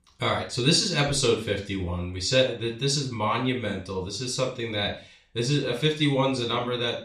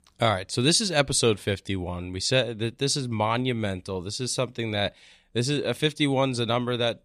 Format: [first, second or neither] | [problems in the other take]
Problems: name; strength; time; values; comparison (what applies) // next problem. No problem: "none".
second | room echo; slight; dies away in 0.4 s // off-mic speech; far